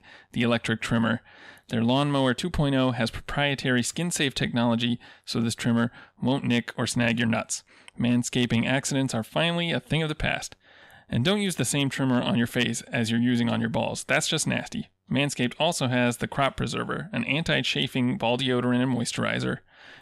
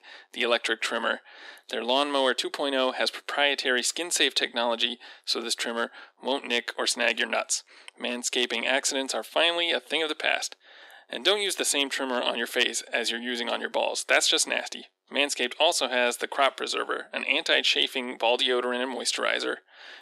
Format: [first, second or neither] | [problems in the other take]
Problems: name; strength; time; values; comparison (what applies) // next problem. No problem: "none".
first | thin; very; fading below 300 Hz